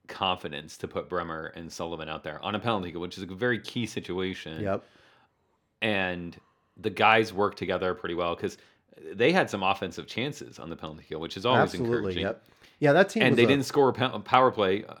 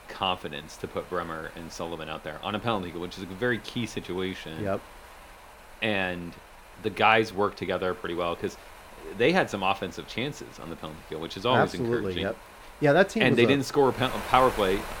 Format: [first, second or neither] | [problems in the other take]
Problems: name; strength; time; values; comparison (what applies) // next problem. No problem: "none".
first | wind noise on the microphone; occasional gusts; 15 dB below the speech